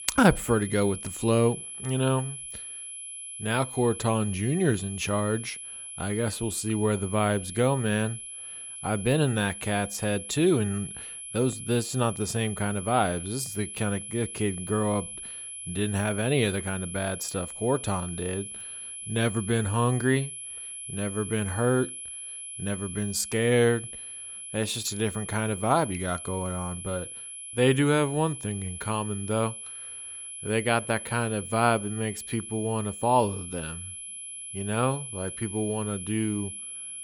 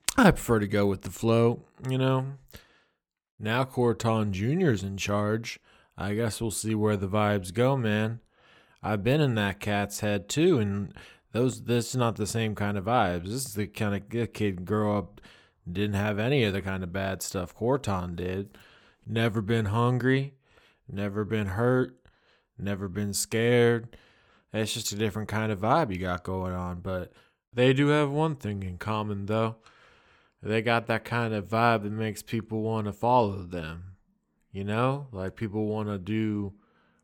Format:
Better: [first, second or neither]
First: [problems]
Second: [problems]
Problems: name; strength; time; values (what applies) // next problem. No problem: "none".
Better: second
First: high-pitched whine; loud; throughout; 11 kHz, 9 dB below the speech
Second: none